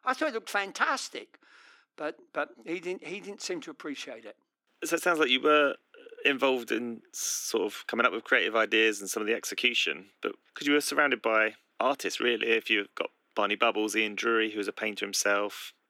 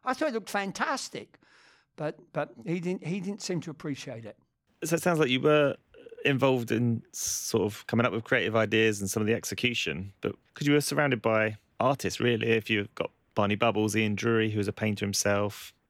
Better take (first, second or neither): second